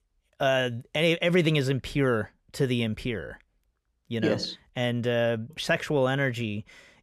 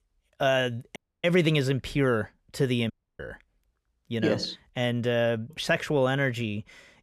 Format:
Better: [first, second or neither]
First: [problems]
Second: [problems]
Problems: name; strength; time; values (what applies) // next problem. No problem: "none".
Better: first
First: none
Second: audio cutting out; at 1 s and at 3 s